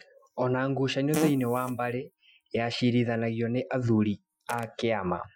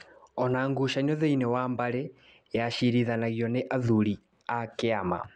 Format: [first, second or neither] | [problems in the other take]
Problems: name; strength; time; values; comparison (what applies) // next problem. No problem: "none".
second | noise reduction (classical method Wiener filter)